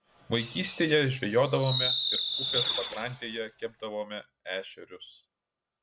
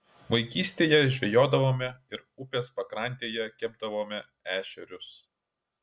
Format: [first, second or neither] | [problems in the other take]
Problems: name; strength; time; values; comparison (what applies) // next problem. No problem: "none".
second | background sound (Fireworks); 1 dB below the speech